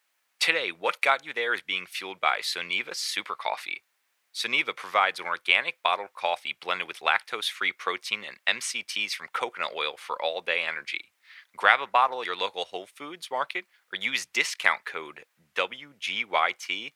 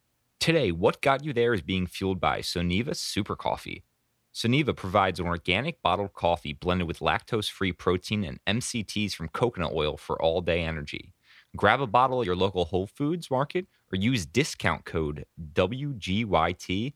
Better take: second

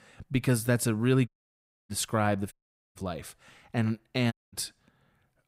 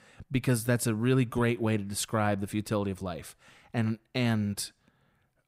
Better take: second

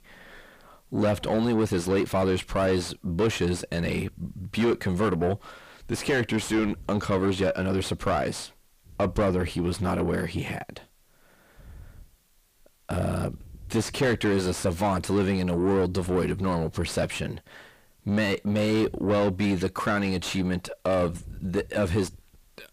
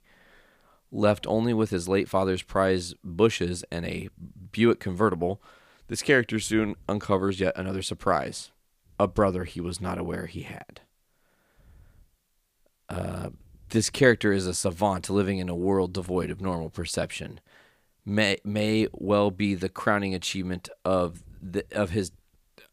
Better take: second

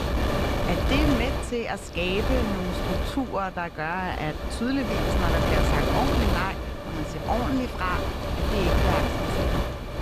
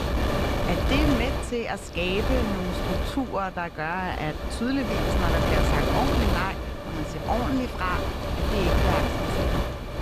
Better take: neither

